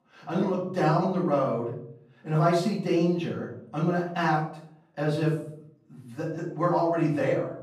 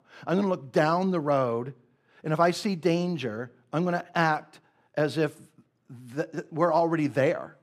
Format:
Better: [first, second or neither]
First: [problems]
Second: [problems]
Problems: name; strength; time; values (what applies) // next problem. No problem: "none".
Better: second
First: off-mic speech; far // room echo; noticeable; dies away in 0.6 s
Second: none